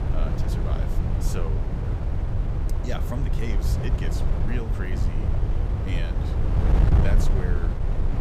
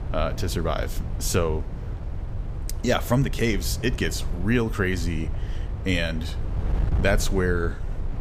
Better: second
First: wind noise on the microphone; heavy; 2 dB above the speech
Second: wind noise on the microphone; occasional gusts; 15 dB below the speech

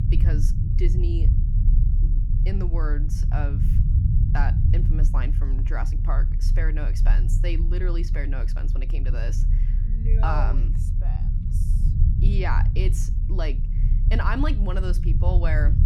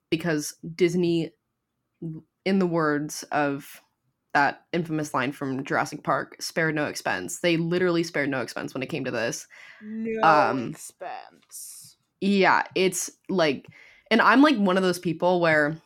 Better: second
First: low rumble; loud; throughout; 7 dB below the speech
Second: none

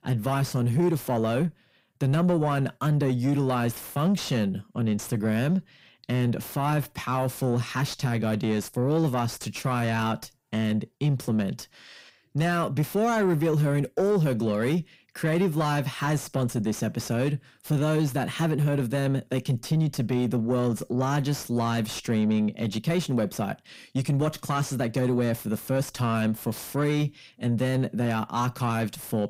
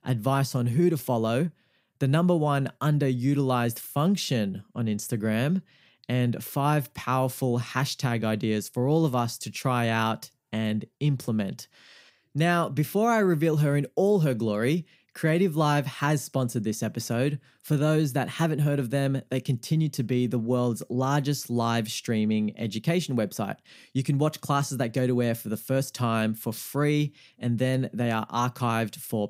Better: second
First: distortion; slight; 10 dB below the speech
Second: none

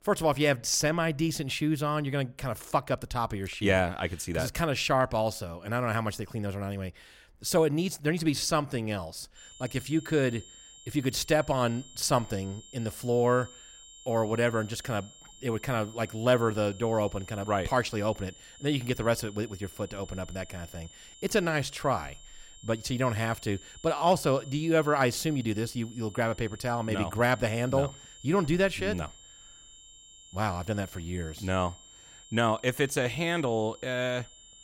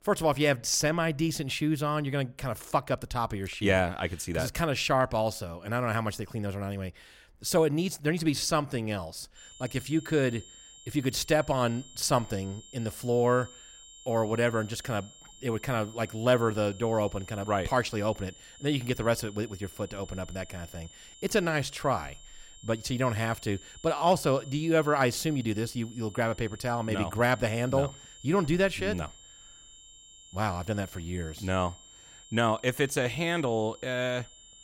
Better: neither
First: high-pitched whine; faint; from 9.5 s on; 7.5 kHz, 20 dB below the speech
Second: high-pitched whine; faint; from 9.5 s on; 7.5 kHz, 20 dB below the speech

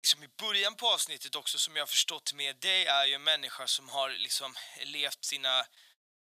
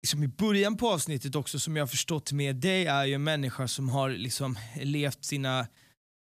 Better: second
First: thin; very; fading below 950 Hz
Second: none

